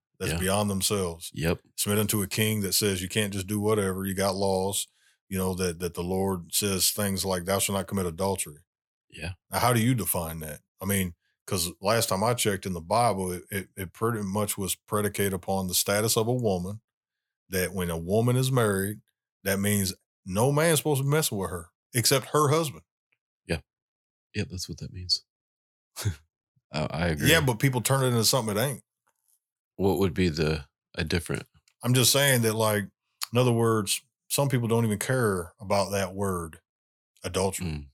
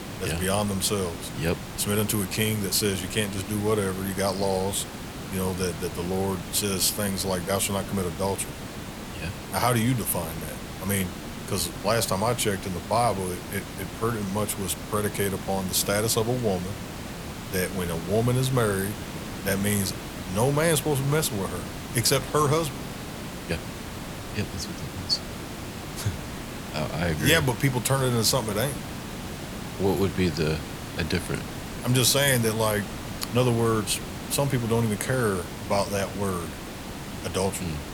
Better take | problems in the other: first | hiss; loud; throughout; 10 dB below the speech

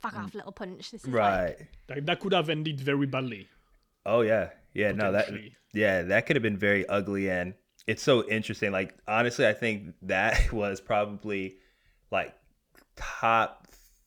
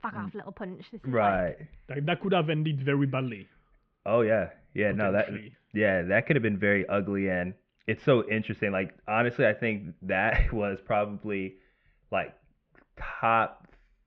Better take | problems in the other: first | muffled; very; fading above 3 kHz

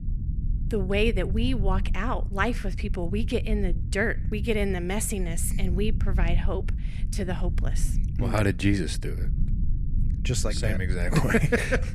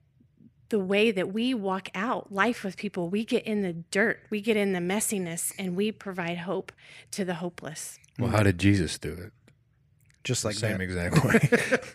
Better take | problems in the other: second | low rumble; noticeable; throughout; 15 dB below the speech

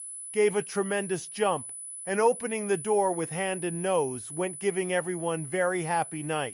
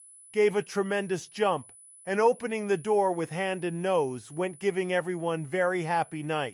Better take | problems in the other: second | high-pitched whine; loud; throughout; 10 kHz, 9 dB below the speech; faint in the second

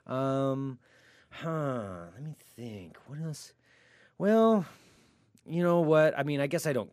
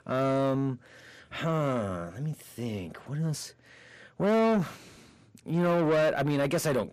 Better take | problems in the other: first | distortion; heavy; 7 dB below the speech

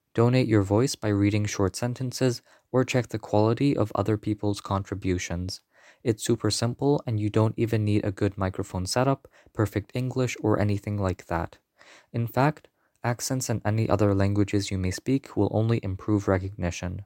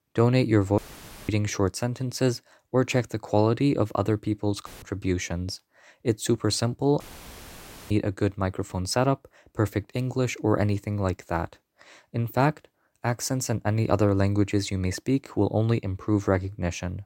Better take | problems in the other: first | audio cutting out; filled with static; at 1 s for 0.5 s, at 4.5 s and at 7 s for 1 s

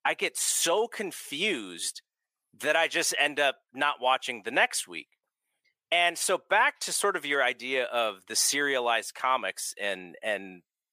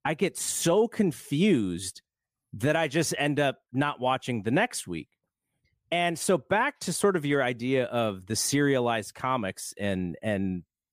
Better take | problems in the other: second | thin; very; fading below 650 Hz

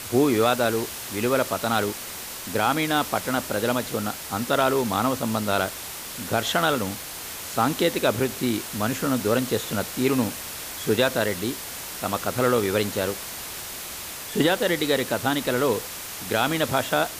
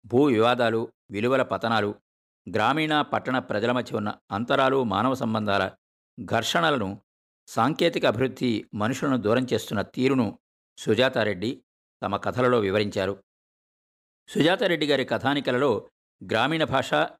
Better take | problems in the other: second | hiss; loud; throughout; 8 dB below the speech

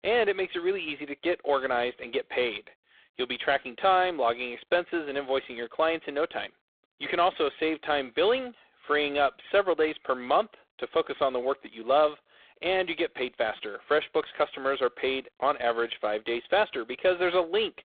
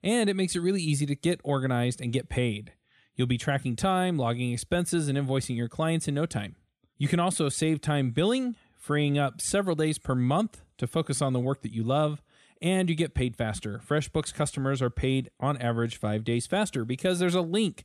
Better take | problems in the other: second | phone-call audio; poor line

